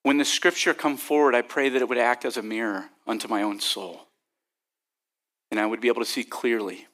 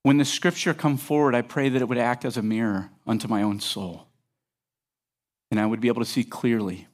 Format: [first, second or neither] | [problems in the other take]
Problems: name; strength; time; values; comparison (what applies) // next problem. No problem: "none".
second | thin; somewhat; fading below 350 Hz